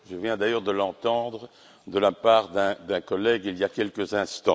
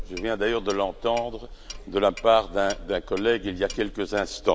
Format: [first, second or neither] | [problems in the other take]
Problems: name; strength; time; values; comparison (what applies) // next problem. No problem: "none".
first | background sound (Clock); 14 dB below the speech